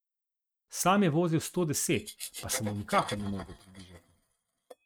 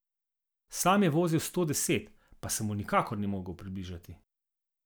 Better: second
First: noise reduction (neural mask model RNNoise)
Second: none

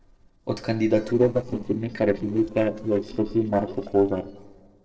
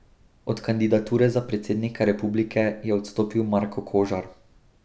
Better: second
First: noise reduction (neural separator model SepFormer DNS4)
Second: none

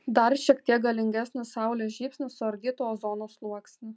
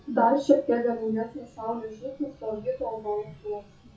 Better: first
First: none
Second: noise reduction (classical method WPE with log-MMSE)

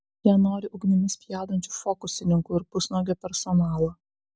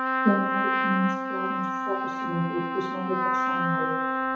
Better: first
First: none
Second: background sound (Trumpet); 3 dB above the speech // room echo; dies away in 2.3 s

